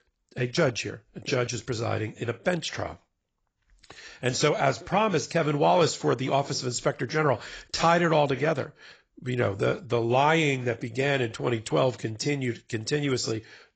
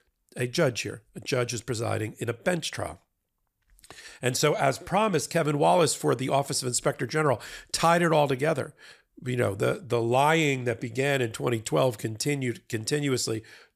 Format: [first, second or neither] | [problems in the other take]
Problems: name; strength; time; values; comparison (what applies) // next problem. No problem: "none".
second | garbled, watery; badly; nothing above 7.5 kHz